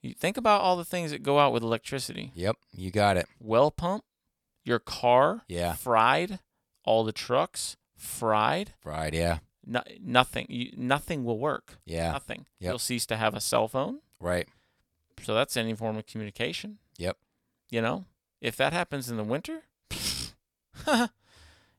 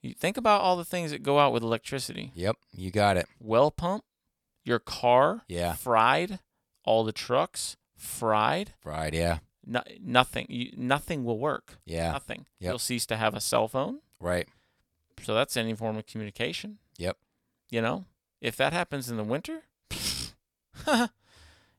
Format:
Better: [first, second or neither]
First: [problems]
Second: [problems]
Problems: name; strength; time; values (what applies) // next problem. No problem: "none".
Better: neither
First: none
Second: none